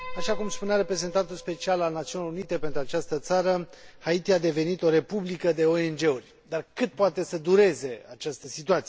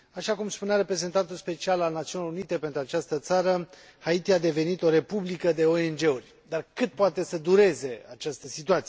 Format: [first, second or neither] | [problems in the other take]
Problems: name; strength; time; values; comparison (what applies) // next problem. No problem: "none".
second | background sound (Piano); 11 dB below the speech